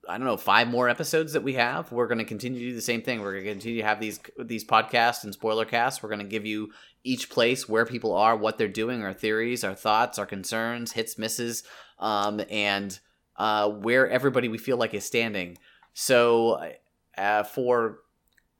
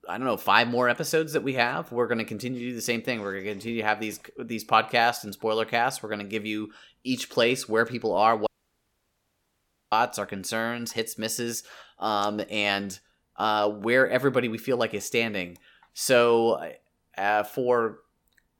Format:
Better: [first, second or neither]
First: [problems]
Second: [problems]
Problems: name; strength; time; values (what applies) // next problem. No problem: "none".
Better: first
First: none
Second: audio cutting out; at 8.5 s for 1.5 s